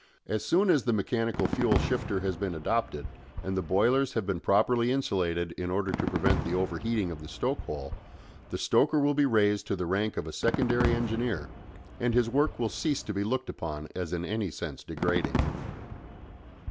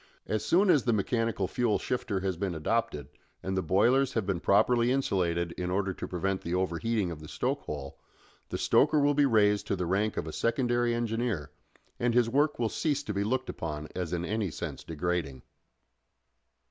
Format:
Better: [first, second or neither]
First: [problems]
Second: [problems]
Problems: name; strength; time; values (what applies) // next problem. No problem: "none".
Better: second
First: background sound (Fireworks); 7 dB below the speech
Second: none